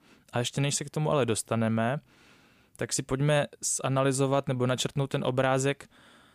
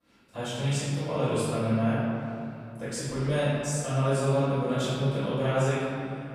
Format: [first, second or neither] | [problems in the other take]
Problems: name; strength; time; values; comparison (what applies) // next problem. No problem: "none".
first | off-mic speech; far // room echo; strong; dies away in 2.9 s